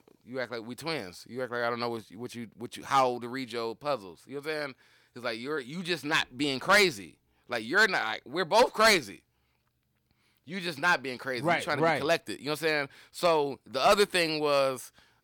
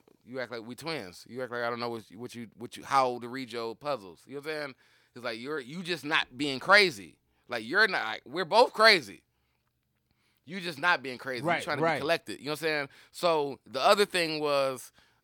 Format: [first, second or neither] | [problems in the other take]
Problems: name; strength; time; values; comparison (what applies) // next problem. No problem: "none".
second | distortion; slight; 1.3% of the sound clipped